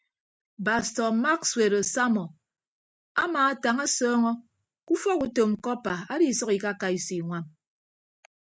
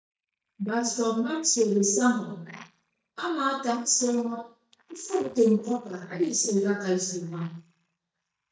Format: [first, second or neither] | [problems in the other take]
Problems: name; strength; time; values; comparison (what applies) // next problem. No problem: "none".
first | noise reduction (neural mask model DeepFilterNet 3)